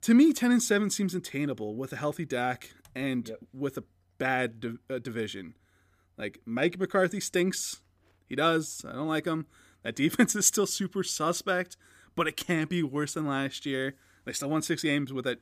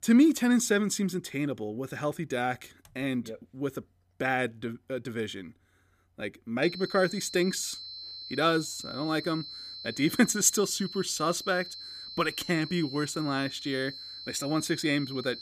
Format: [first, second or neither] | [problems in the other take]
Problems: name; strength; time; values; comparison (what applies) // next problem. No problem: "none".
first | high-pitched whine; noticeable; from 6.5 s on; 4 kHz, 10 dB below the speech